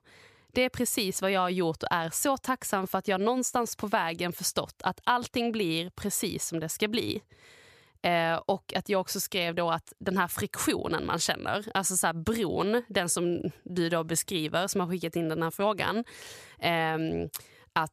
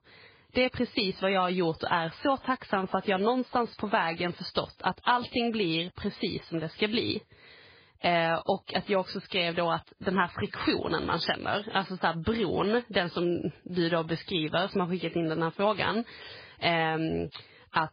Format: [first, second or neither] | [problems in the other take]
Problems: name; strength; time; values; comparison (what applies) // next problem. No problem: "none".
first | garbled, watery; badly; nothing above 4.5 kHz